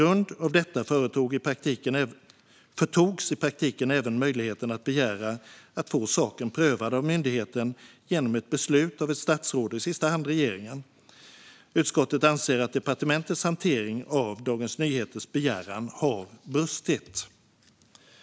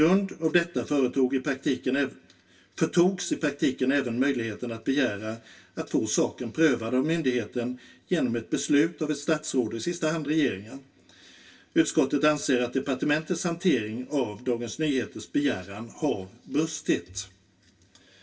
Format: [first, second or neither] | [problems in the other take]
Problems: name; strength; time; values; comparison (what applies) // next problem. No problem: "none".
first | room echo; dies away in 0.1 s